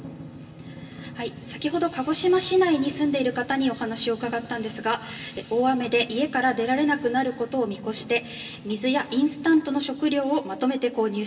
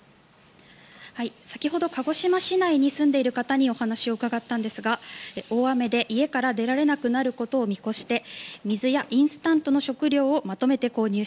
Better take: second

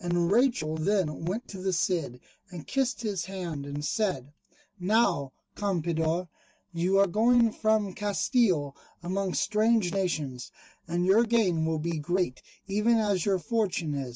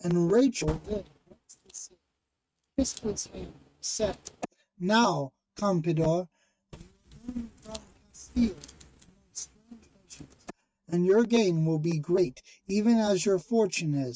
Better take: first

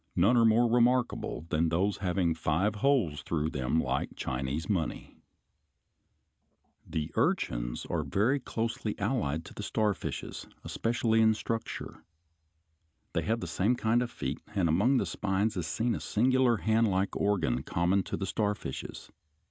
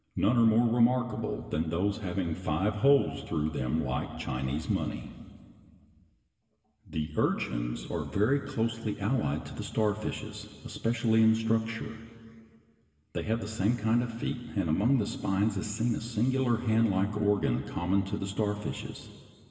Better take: first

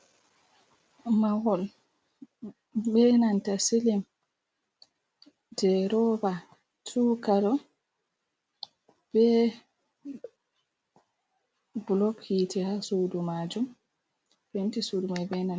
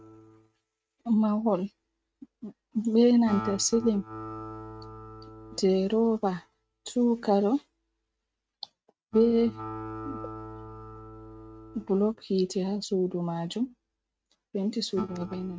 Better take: first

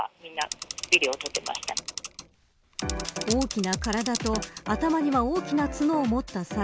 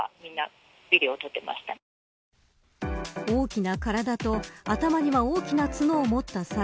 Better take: second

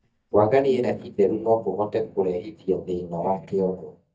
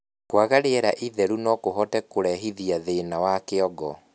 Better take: second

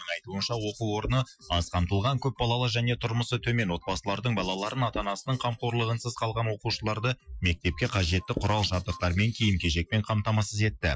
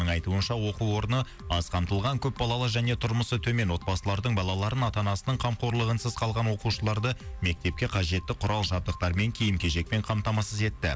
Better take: second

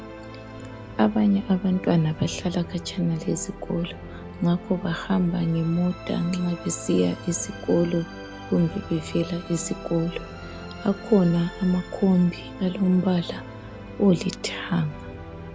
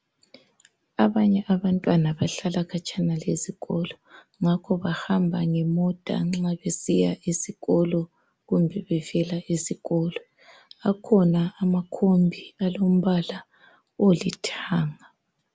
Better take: second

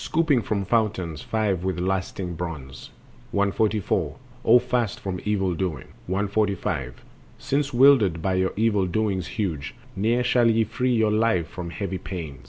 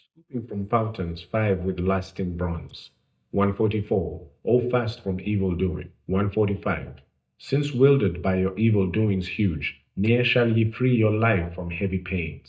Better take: first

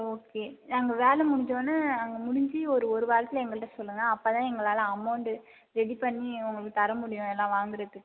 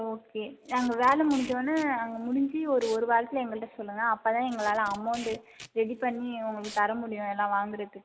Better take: first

